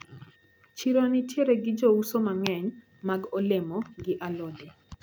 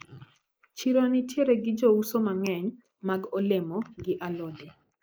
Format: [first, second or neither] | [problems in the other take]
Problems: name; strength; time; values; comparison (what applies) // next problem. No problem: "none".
first | noise reduction (neural mask model Resemble Enhance denoiser)